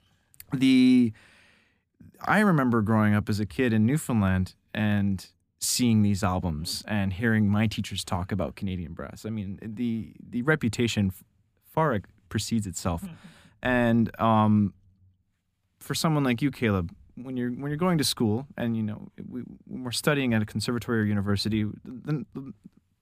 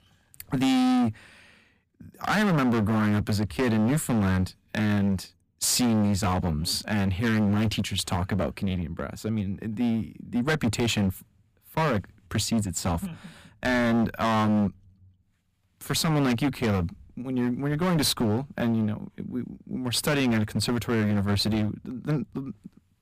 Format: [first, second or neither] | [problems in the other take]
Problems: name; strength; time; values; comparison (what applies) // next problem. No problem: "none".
first | distortion; heavy; 16% of the sound clipped